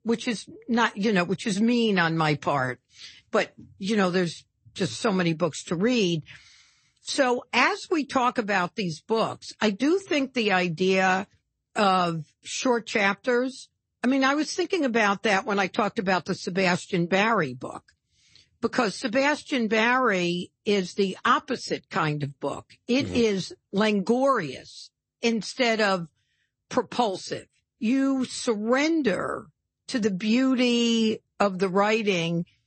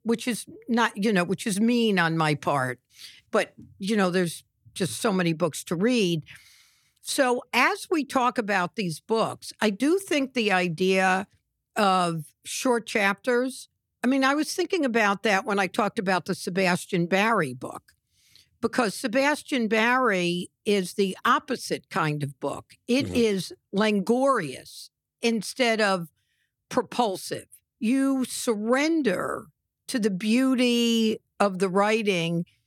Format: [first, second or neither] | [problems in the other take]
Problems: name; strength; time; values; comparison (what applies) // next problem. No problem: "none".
second | garbled, watery; slightly; nothing above 8 kHz